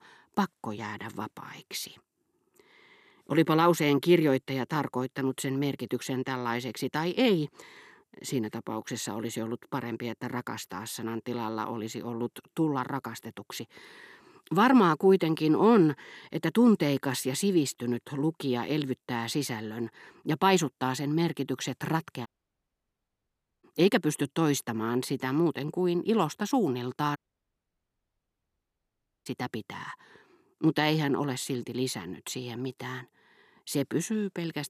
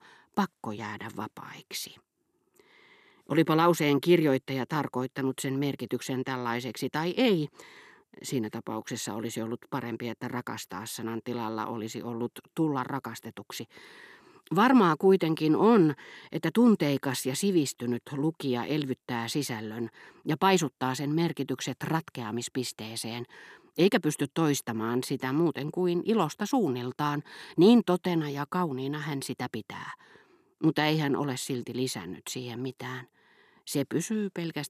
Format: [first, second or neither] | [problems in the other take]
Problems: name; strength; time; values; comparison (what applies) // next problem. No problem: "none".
second | audio cutting out; at 22 s for 1.5 s and at 27 s for 2 s